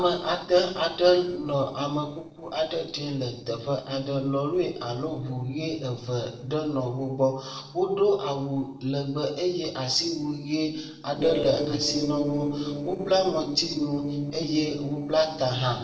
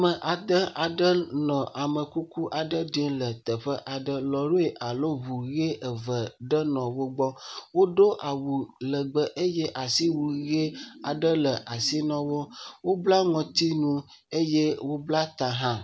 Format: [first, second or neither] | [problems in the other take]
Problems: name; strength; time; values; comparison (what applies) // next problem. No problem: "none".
second | noise reduction (neural separator model SepFormer DNS4)